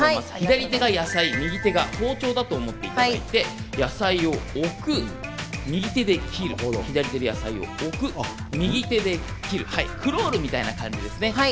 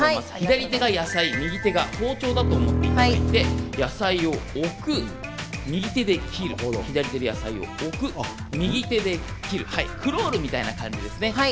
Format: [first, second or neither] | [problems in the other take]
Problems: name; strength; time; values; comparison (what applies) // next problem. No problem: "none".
first | background sound (Bowed string instrument); 1 dB above the speech